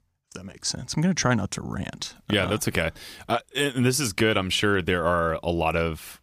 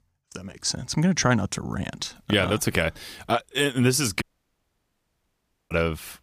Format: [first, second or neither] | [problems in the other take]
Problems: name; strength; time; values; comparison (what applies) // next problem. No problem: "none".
first | audio cutting out; at 4 s for 1.5 s